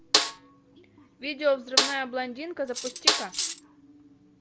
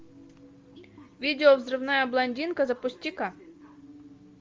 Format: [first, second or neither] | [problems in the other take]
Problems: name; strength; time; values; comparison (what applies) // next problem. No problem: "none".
second | background sound (Snare drum + Cutlery, silverware); 4 dB above the speech